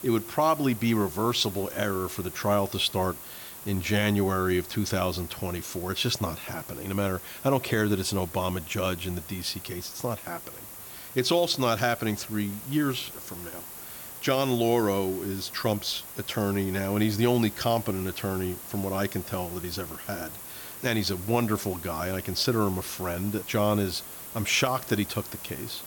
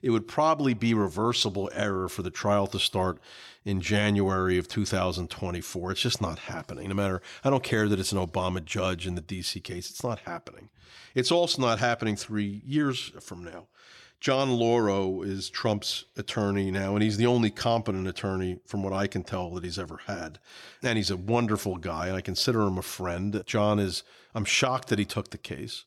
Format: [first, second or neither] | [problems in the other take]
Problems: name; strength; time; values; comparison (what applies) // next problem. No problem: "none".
second | hiss; noticeable; throughout; 10 dB below the speech